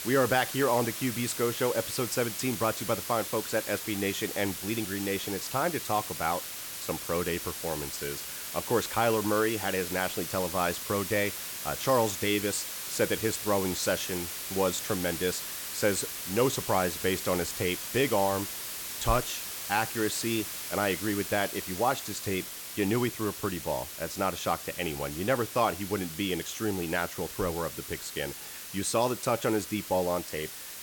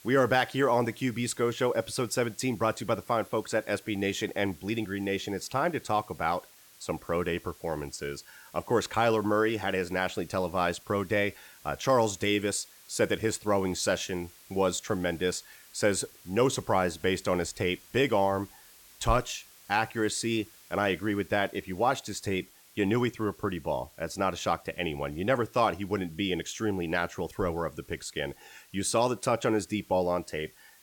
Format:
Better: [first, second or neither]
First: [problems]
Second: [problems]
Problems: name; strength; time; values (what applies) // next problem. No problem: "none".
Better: second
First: hiss; loud; throughout; 5 dB below the speech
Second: hiss; faint; throughout; 25 dB below the speech